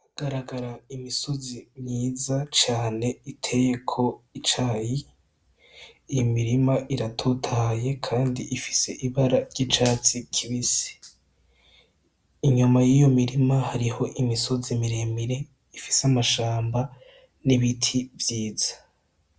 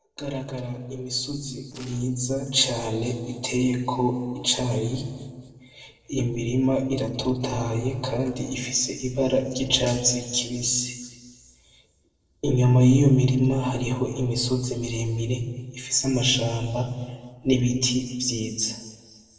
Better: first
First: none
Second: noise reduction (neural separator model SepFormer DNS4)

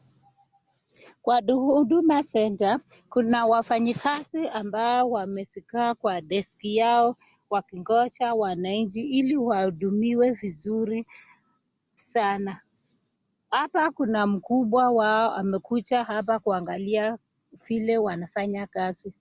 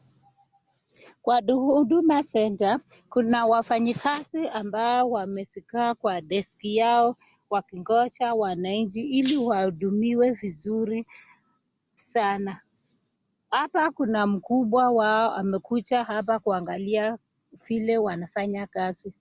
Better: first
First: none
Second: background sound (Rattle (instrument)); 16 dB below the speech

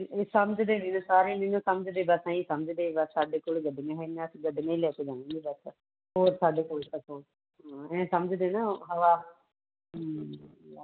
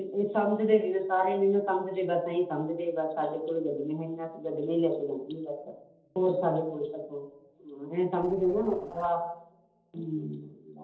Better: first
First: none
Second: noise reduction (neural separator model SepFormer DNS4)

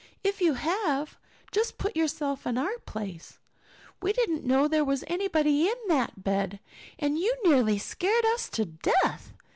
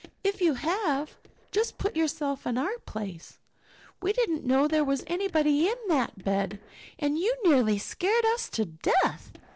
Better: first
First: none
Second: noise reduction (neural separator model SepFormer DNS4)

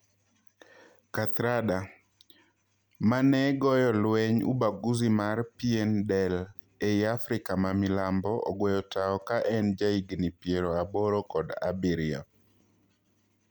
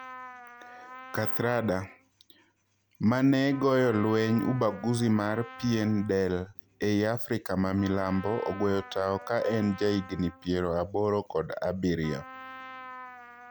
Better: first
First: none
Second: background sound (Trumpet); 18 dB below the speech

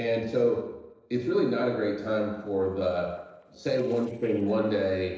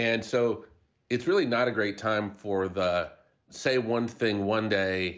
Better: second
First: noise reduction (neural separator model SepFormer DNS4)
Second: none

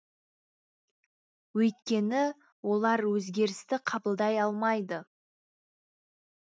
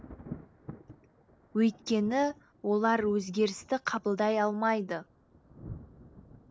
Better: first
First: none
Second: background sound (Thunder); 19 dB below the speech

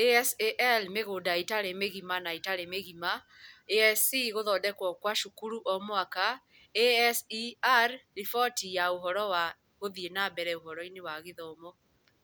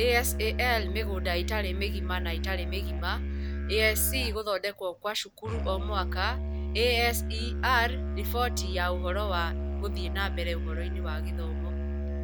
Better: first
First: none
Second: background sound (Musical instrument); as loud as the speech

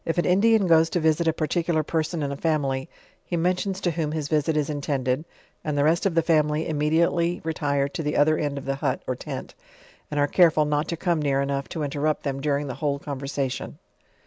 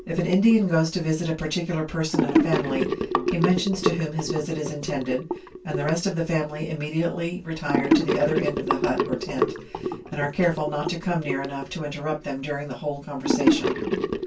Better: first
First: none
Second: background sound (Sink (filling or washing) / Gurgling); 2 dB below the speech // room echo; dies away in 0.1 s

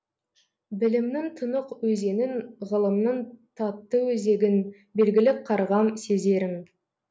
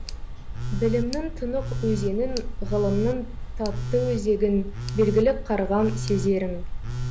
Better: first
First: none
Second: background sound (Tick + Telephone); 4 dB below the speech

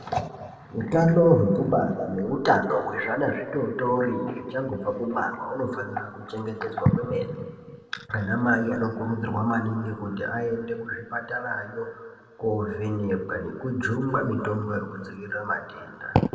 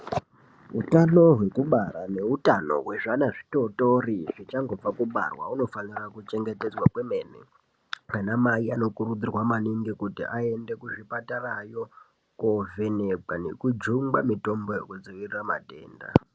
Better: second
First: room echo; dies away in 1.8 s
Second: none

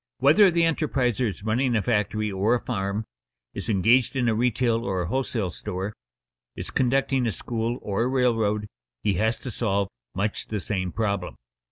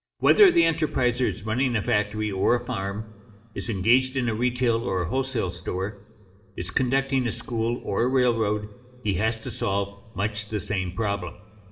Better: first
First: none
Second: room echo; dies away in 2.4 s

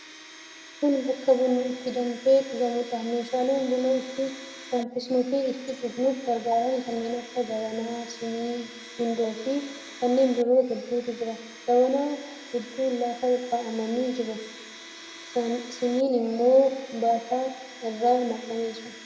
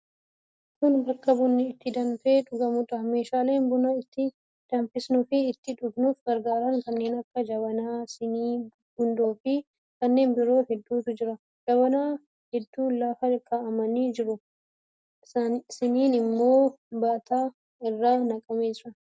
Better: second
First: background sound (Domestic sounds, home sounds); 18 dB below the speech // room echo; dies away in 1.2 s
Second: none

